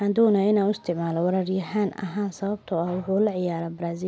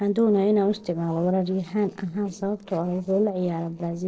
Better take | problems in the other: first | noise reduction (neural separator model SepFormer DNS4)

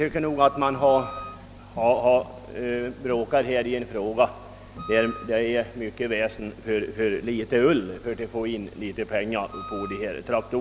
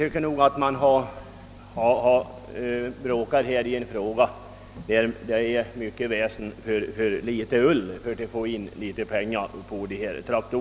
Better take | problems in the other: second | background sound (Wind instrument, woodwind instrument); 15 dB below the speech

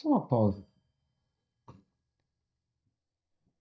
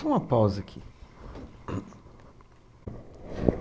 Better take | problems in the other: second | noise reduction (neural mask model DeepFilterNet 3)

